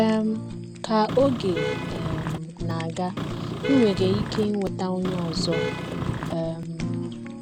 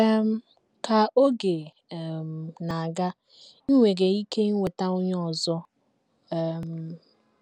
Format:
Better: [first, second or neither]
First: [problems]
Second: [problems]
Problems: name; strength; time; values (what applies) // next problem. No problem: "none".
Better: second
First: background sound (Vehicle horn, car horn, honking + Fire); 4 dB below the speech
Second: none